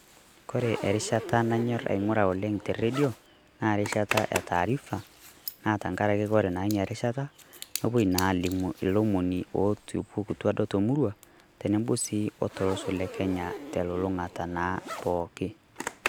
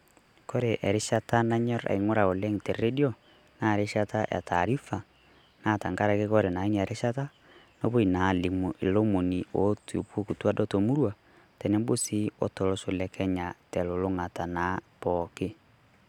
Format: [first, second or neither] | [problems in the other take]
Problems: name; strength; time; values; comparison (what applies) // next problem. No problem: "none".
second | background sound (Zipper (clothing)); 12 dB below the speech